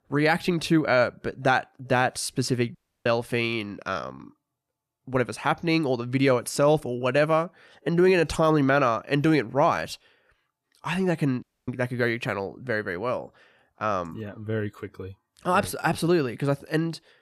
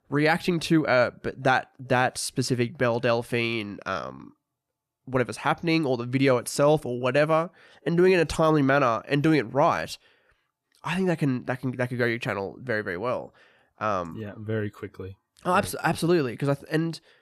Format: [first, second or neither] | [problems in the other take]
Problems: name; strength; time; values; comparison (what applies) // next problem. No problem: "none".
second | audio cutting out; at 3 s and at 11 s